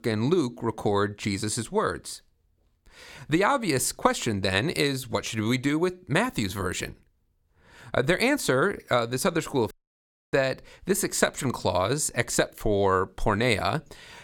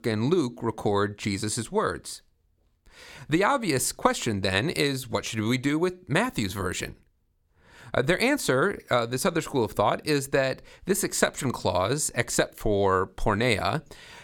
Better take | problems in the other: second | audio cutting out; at 9.5 s for 0.5 s

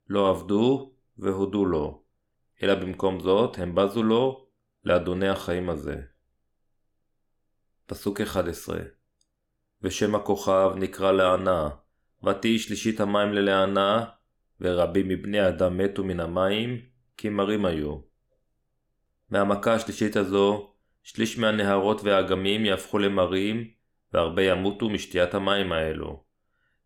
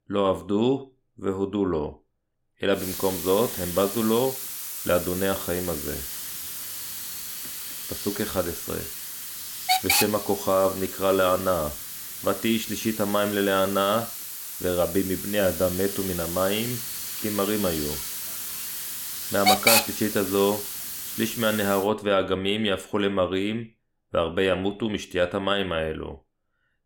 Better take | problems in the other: first | hiss; loud; from 3 to 22 s; 3 dB below the speech

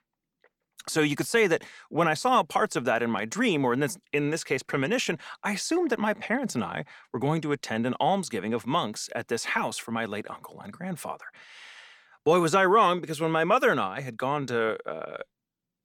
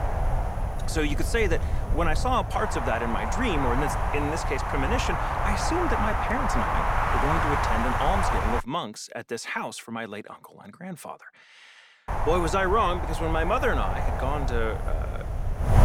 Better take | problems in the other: first | wind noise on the microphone; heavy; until 8.5 s and from 12 s on; 1 dB above the speech

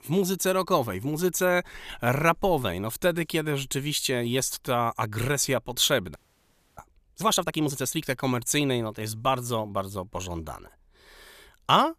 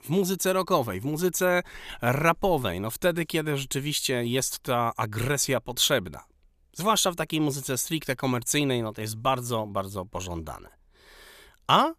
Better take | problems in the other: second | audio freezing; at 6 s for 0.5 s

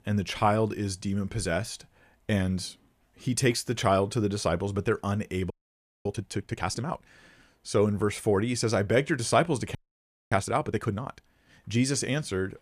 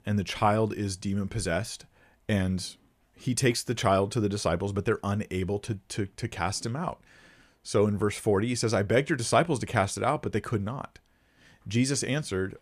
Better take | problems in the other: second | audio freezing; at 5.5 s for 0.5 s and at 10 s for 0.5 s

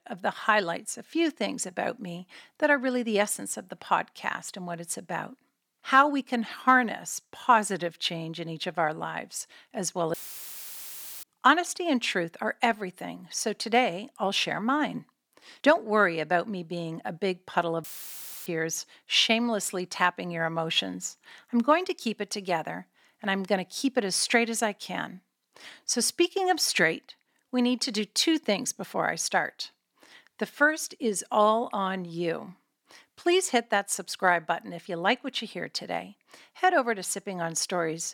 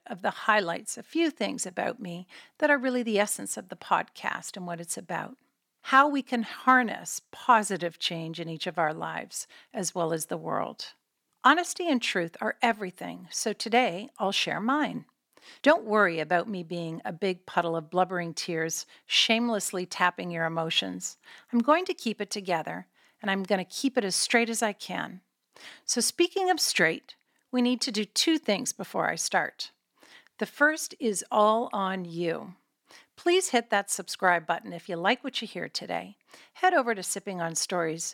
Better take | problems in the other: second | audio cutting out; filled with static; at 10 s for 1 s and at 18 s for 0.5 s

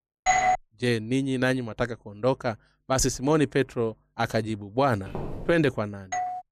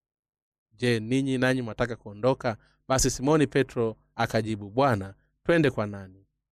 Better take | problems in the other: second | doorbell; loud; at 0.5 s; peak 4 dB above the speech // footsteps; noticeable; at 5 s; peak 10 dB below the speech // doorbell; noticeable; at 6 s; peak 4 dB below the speech

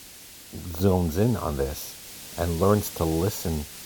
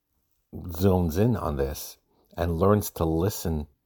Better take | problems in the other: second | hiss; noticeable; throughout; 15 dB below the speech

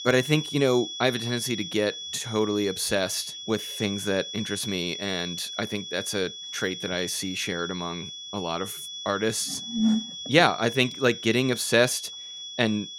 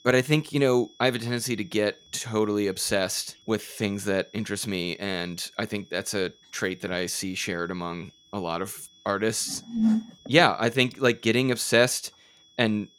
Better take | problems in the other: second | high-pitched whine; loud; throughout; 3.5 kHz, 8 dB below the speech; faint in the second

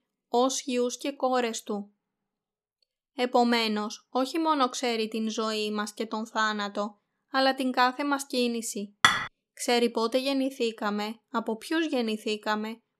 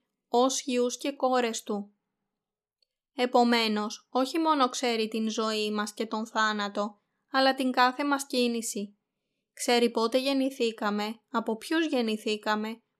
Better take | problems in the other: second | clattering dishes; loud; at 9 s; peak 6 dB above the speech

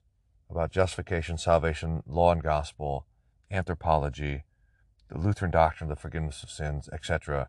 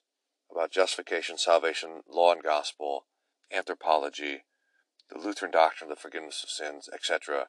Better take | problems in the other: first | thin; very; fading below 300 Hz

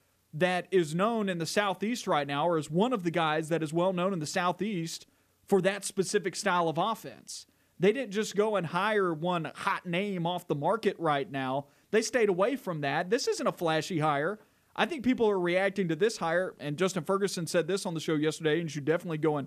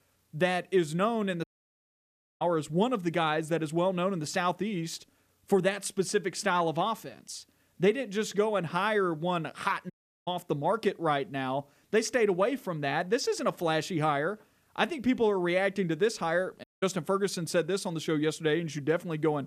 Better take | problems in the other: first | audio cutting out; at 1.5 s for 1 s, at 10 s and at 17 s

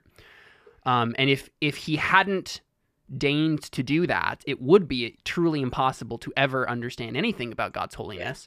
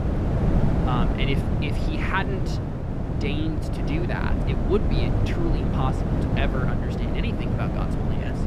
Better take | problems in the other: first | wind noise on the microphone; heavy; 1 dB below the speech

